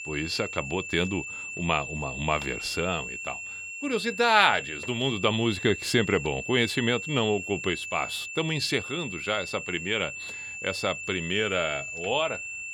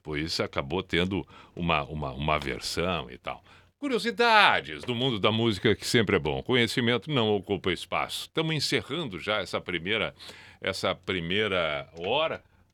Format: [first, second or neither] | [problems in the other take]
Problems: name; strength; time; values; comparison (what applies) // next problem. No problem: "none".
second | high-pitched whine; loud; throughout; 2.5 kHz, 7 dB below the speech